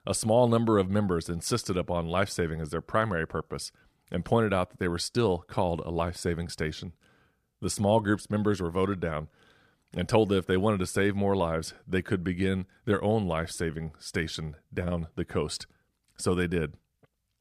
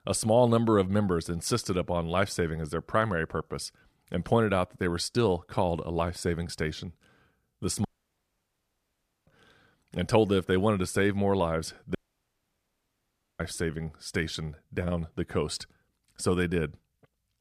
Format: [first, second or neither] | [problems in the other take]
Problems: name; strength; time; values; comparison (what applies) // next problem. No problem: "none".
first | audio cutting out; at 8 s for 1.5 s and at 12 s for 1.5 s